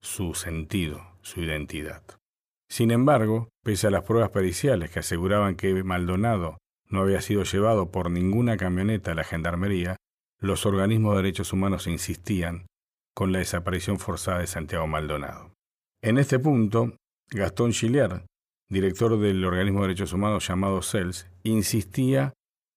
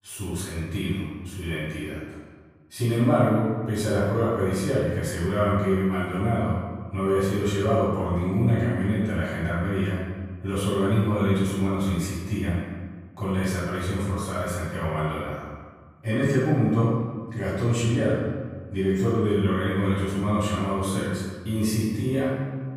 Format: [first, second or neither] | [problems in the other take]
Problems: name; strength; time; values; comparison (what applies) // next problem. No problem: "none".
first | off-mic speech; far // room echo; strong; dies away in 1.4 s